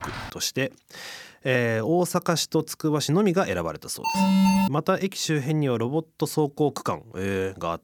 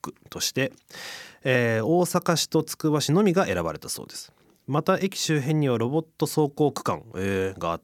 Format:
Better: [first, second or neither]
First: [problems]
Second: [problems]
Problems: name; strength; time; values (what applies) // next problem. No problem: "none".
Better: second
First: footsteps; faint; at the start; peak 10 dB below the speech // alarm; loud; at 4 s; peak 6 dB above the speech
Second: none